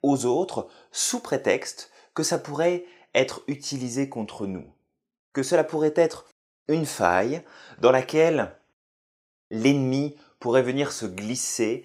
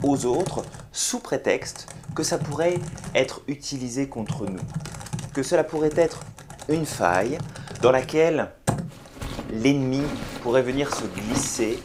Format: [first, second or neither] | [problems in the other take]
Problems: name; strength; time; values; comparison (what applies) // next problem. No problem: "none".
first | household noises; loud; throughout; 10 dB below the speech